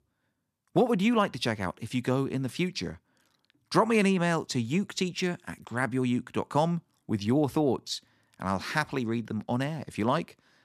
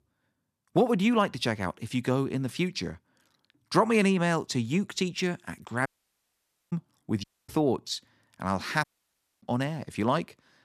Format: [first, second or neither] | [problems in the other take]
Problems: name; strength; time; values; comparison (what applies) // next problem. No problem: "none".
first | audio cutting out; at 6 s for 1 s, at 7 s and at 9 s for 0.5 s